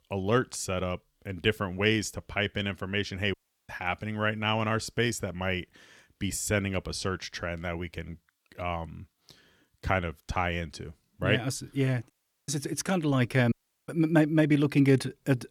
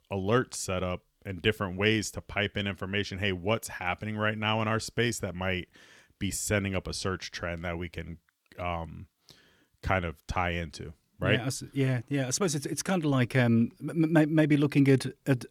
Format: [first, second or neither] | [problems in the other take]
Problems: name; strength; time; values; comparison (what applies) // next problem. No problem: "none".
second | audio cutting out; at 3.5 s, at 12 s and at 14 s